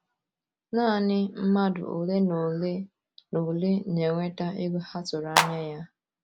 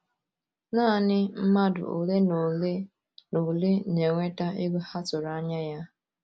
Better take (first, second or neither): second